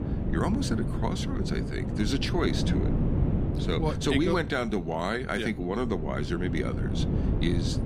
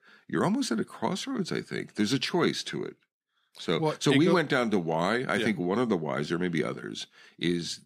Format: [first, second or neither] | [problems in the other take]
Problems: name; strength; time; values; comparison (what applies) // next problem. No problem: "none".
second | wind noise on the microphone; heavy; 7 dB below the speech